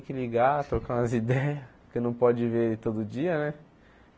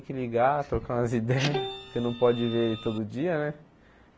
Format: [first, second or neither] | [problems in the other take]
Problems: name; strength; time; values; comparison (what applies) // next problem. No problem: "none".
first | background sound (Printer + Bowed string instrument); 8 dB below the speech